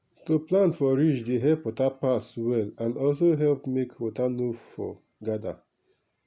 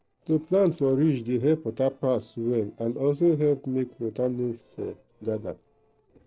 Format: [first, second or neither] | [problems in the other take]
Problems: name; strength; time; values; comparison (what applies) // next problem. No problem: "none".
first | noise reduction (neural separator model SepFormer DNS4)